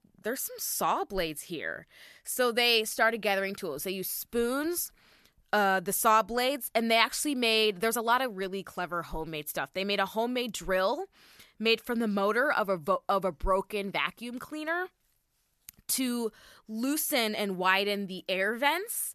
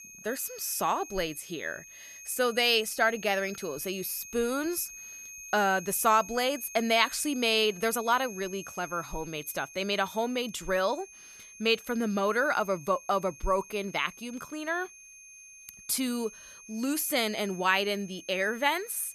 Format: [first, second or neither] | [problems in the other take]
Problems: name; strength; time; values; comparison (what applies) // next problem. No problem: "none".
first | high-pitched whine; noticeable; throughout; 6.5 kHz, 15 dB below the speech